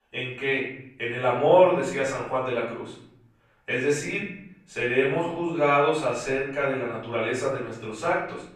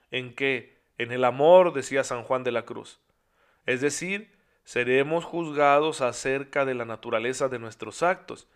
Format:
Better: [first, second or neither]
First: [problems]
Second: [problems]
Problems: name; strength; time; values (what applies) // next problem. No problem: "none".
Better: second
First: off-mic speech; far // room echo; noticeable; dies away in 0.8 s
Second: none